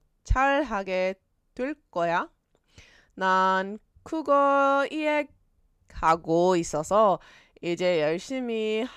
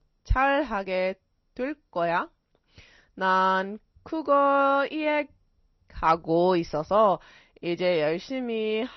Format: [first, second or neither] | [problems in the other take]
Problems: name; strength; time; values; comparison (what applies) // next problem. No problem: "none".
first | garbled, watery; slightly; nothing above 6 kHz